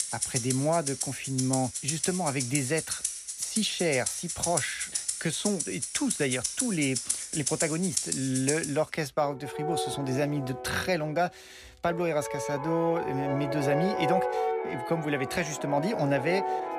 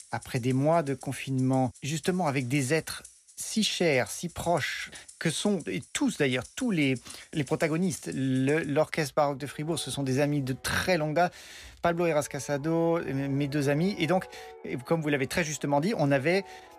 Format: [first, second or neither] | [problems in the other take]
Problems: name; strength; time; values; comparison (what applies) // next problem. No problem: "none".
second | background music; loud; throughout; 2 dB below the speech; faint in the second